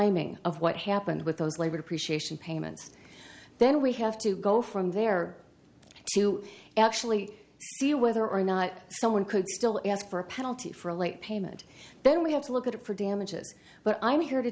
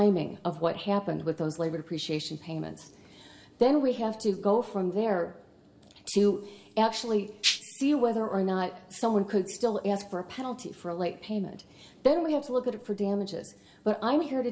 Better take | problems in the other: first | background sound (Rattle (instrument)); 1 dB above the speech // room echo; dies away in 0.9 s

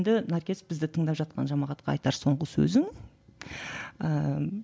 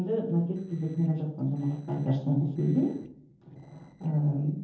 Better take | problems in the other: first | noise reduction (neural separator model SepFormer DNS4)

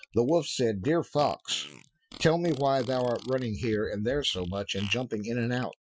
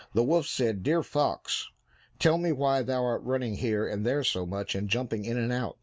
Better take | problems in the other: second | noise reduction (classical method Wiener filter)

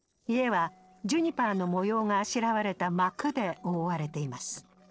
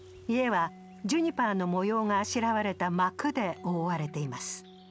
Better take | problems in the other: second | noise reduction (neural separator model SepFormer DNS4)

